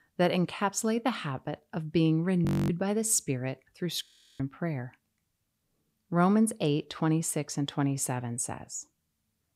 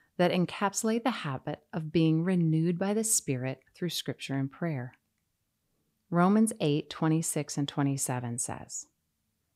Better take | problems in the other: second | audio freezing; at 2.5 s and at 4 s

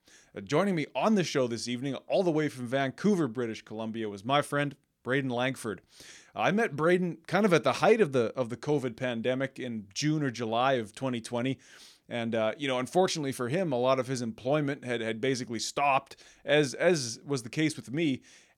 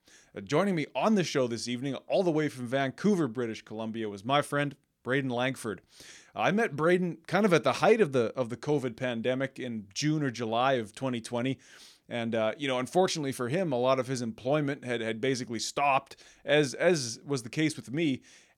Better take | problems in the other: neither | none

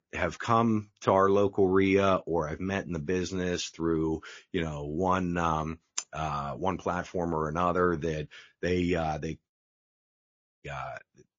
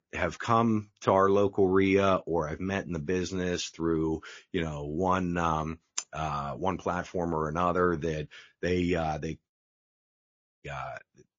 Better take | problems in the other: neither | garbled, watery; slightly; the same in both

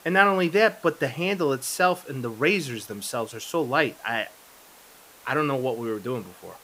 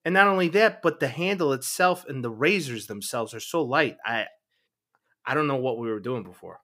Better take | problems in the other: second | hiss; faint; throughout; 25 dB below the speech

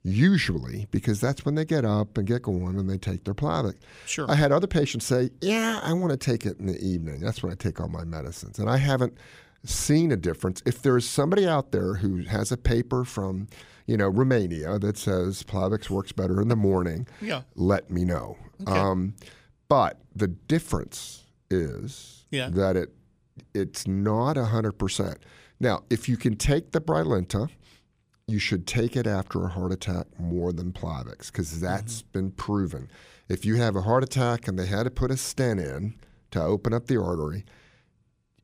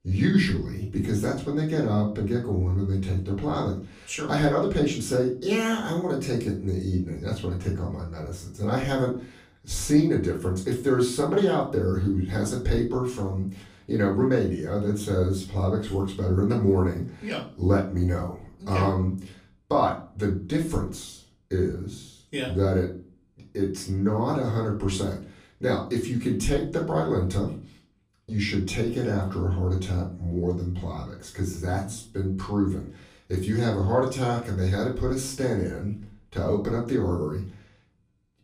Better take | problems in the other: first | off-mic speech; far // room echo; slight; dies away in 0.3 s

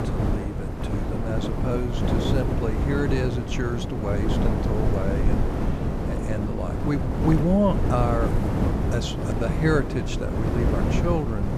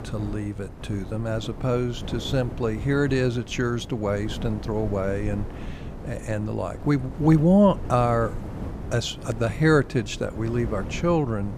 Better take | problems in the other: second | wind noise on the microphone; heavy; 2 dB below the speech; occasional gusts in the second

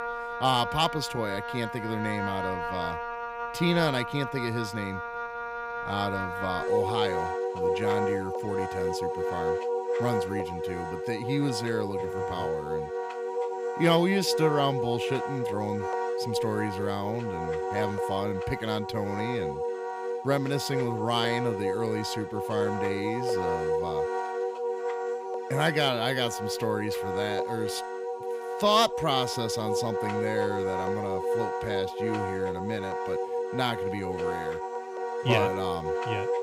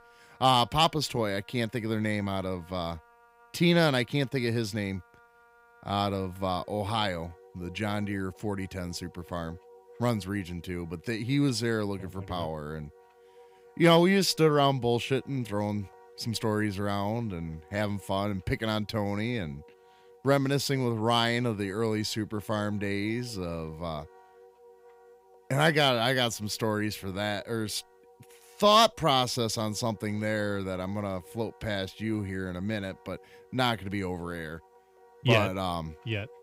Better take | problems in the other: second | background music; loud; throughout; 1 dB below the speech; faint in the second

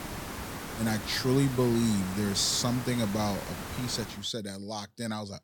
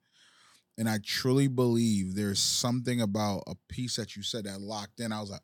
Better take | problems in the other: second | hiss; loud; until 4 s; 9 dB below the speech

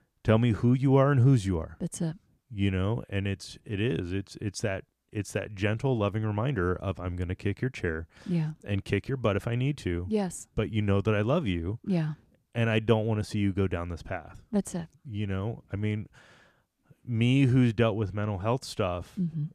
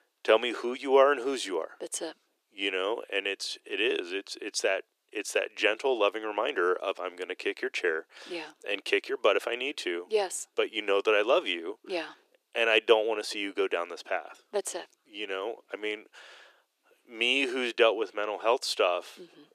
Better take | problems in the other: first | thin; very; fading below 350 Hz

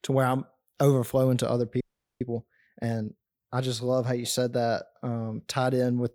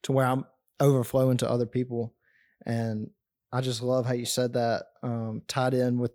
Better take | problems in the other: second | audio freezing; at 2 s

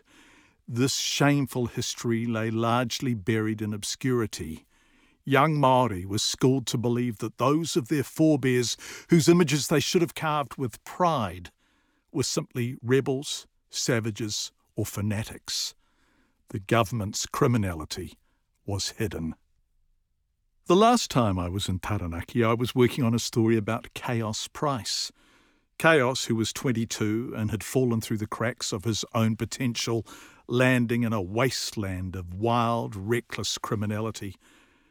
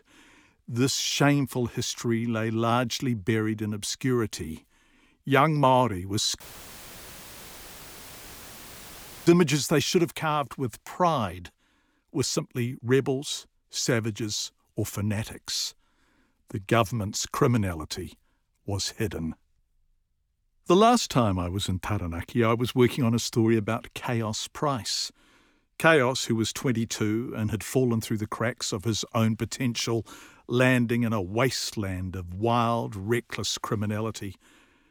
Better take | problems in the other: first | audio cutting out; filled with static; at 6.5 s for 3 s

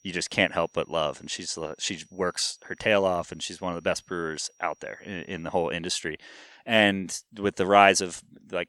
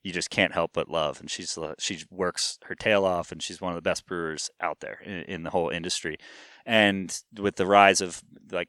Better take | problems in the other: second | high-pitched whine; faint; until 5.5 s; 5.5 kHz, 35 dB below the speech

